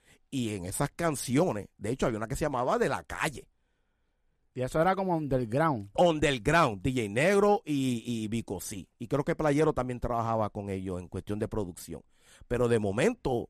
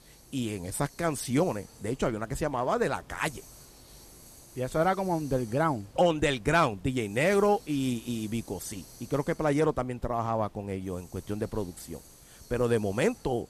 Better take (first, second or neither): first